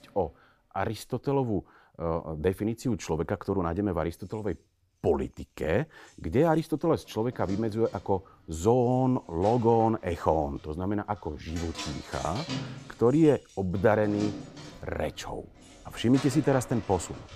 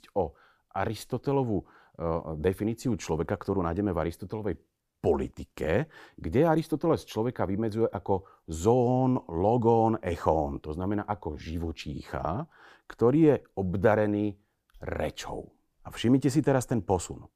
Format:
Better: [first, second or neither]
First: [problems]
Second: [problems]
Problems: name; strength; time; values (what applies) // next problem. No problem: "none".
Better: second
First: household noises; noticeable; throughout; 15 dB below the speech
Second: none